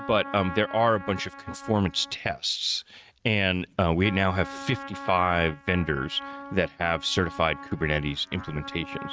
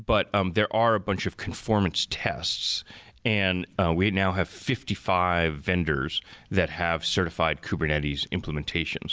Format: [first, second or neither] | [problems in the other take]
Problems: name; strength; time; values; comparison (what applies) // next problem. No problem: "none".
second | noise reduction (neural mask model RNNoise)